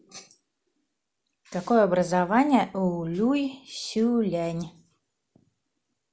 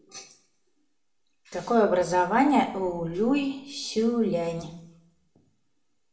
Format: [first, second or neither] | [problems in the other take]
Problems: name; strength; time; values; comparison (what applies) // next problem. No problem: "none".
first | room echo; dies away in 0.6 s